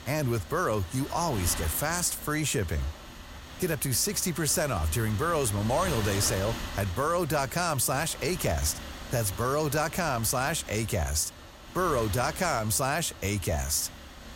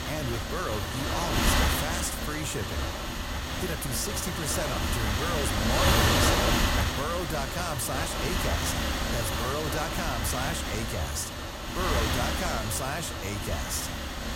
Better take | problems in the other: first | wind noise on the microphone; heavy; 4 dB above the speech; occasional gusts in the first

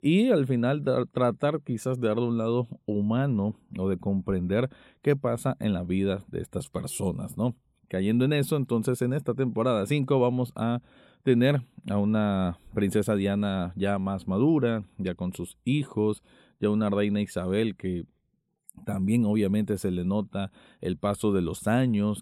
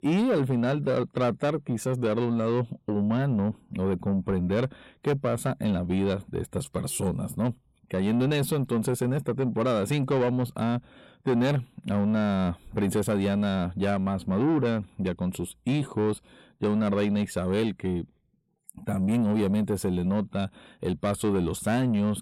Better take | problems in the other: first | distortion; slight; 10 dB below the speech

